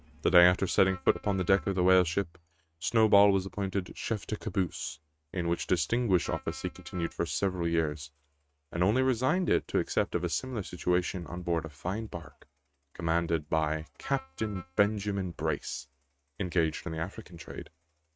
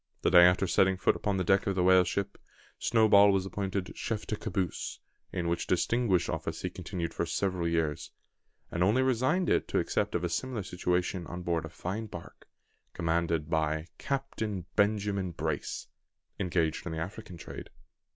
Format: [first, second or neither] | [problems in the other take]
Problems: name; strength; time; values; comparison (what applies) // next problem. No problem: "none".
second | noise reduction (neural mask model RNNoise)